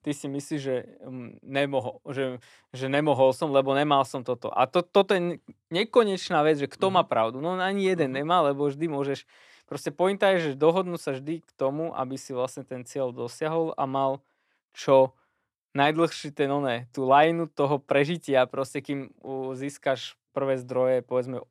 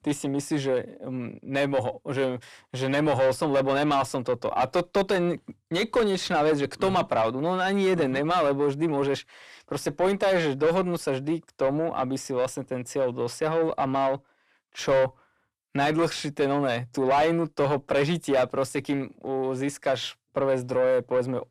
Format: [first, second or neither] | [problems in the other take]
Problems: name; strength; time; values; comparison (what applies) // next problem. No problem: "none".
first | distortion; heavy; 7 dB below the speech